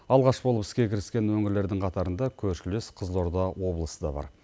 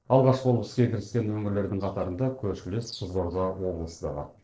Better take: first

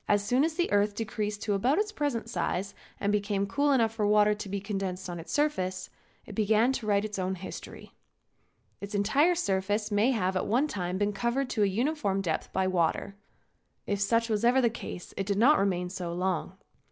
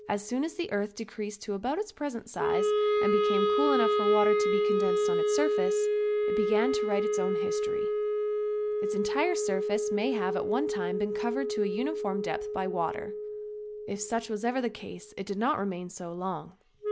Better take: first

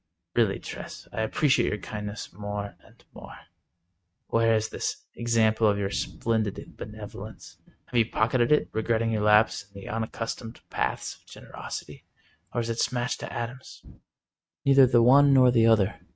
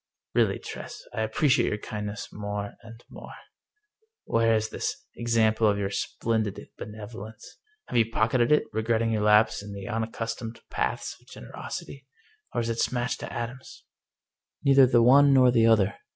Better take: second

